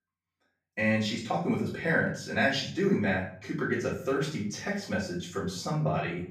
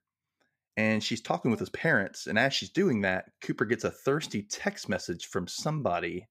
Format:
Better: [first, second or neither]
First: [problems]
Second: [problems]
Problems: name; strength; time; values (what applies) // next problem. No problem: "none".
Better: second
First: off-mic speech; far // room echo; slight; dies away in 0.5 s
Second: none